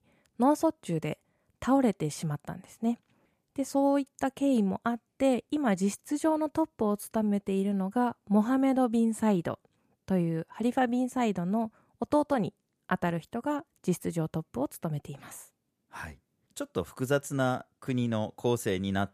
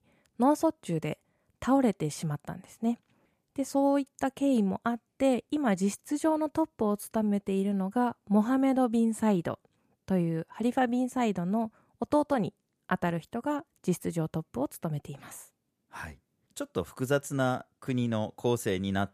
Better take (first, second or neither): neither